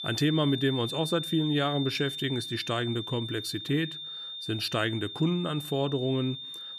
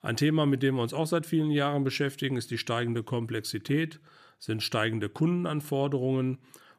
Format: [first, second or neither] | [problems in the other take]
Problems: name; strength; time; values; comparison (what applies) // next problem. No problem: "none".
second | high-pitched whine; loud; throughout; 3.5 kHz, 6 dB below the speech